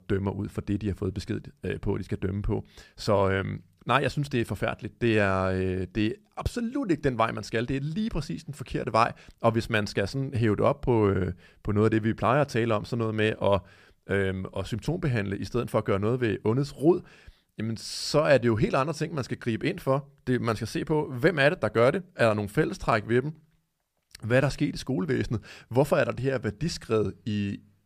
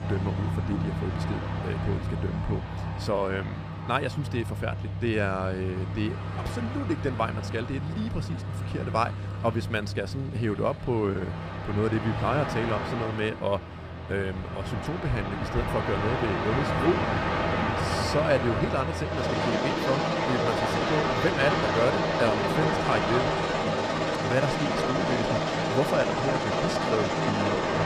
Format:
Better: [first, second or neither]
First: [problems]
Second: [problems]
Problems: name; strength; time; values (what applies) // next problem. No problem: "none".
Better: first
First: none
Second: train or aircraft noise; very loud; throughout; 1 dB above the speech